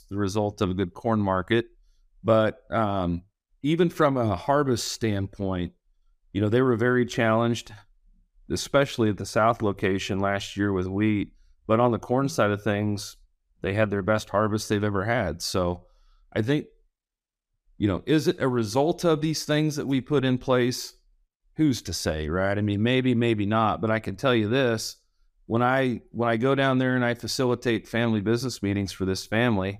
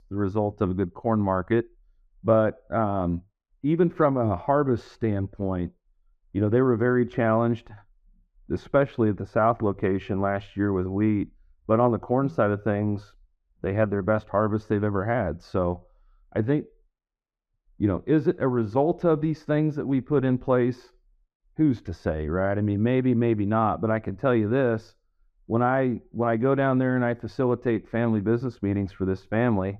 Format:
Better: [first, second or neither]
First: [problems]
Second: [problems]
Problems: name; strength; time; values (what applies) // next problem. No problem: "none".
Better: first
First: none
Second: muffled; very; fading above 3.5 kHz